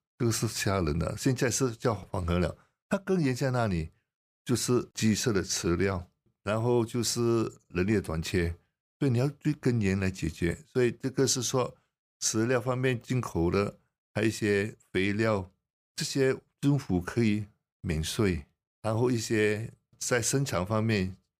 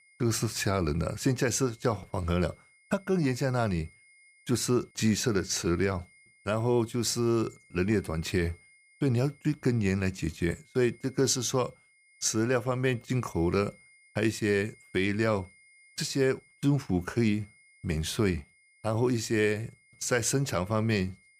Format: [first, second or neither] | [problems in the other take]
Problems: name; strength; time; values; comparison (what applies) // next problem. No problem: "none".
first | high-pitched whine; faint; throughout; 2 kHz, 30 dB below the speech